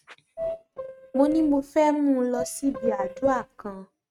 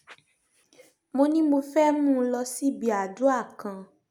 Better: second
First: noise reduction (neural mask model RNNoise)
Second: none

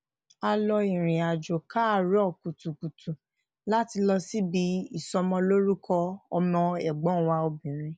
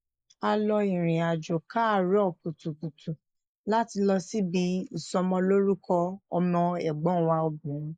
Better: first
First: none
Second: noise reduction (neural mask model Resemble Enhance denoiser)

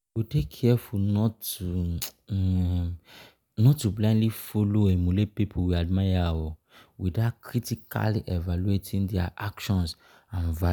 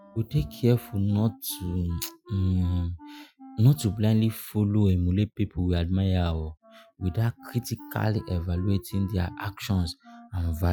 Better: first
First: none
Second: noise reduction (classical method Wiener filter)

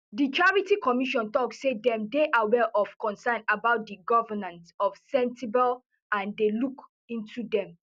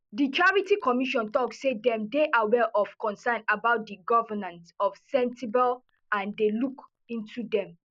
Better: first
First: none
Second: noise reduction (neural mask model Resemble Enhance denoiser)

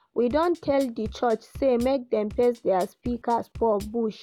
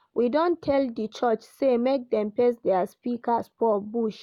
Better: second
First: background sound (Bass drum / Drum kit); 19 dB below the speech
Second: none

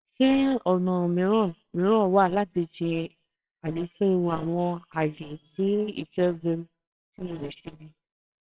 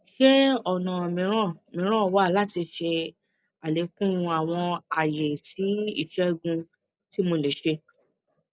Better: second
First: noise reduction (neural separator model SepFormer WHAMR!)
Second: none

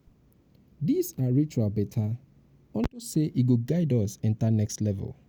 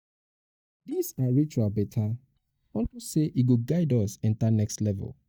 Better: first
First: none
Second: noise reduction (neural mask model DeepFilterNet 3)

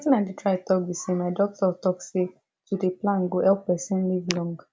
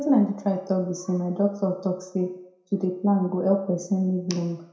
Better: first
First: none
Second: room echo; dies away in 0.6 s

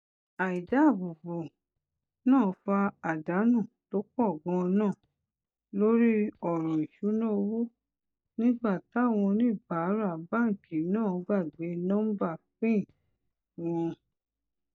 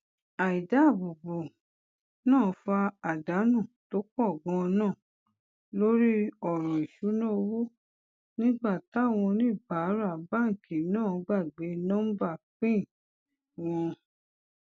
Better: second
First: noise reduction (neural mask model DeepFilterNet 3)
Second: none

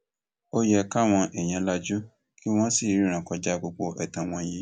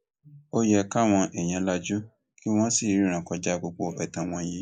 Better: first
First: none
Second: noise reduction (neural mask model Resemble Enhance denoiser)

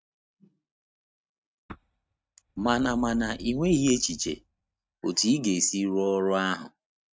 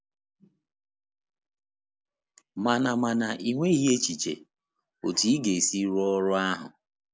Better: second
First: noise reduction (neural mask model RNNoise)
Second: none

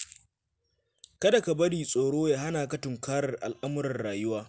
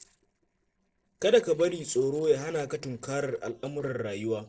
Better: first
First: none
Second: noise reduction (neural separator model SepFormer DNS4)

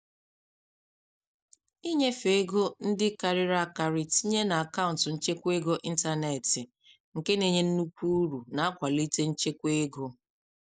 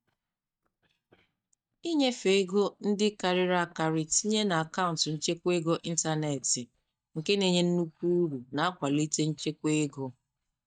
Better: first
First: none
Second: noise reduction (neural mask model DeepFilterNet 3)

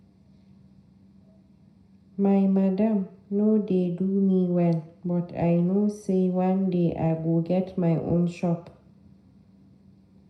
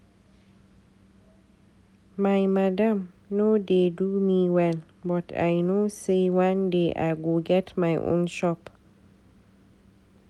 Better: second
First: room echo; dies away in 0.4 s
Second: none

